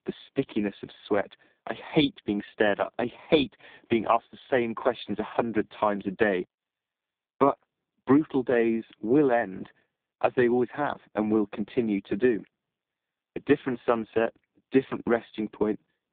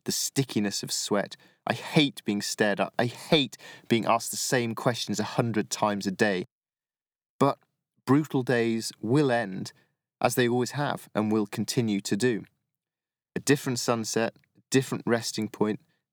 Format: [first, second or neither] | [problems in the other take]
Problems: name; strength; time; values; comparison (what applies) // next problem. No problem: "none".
second | phone-call audio; poor line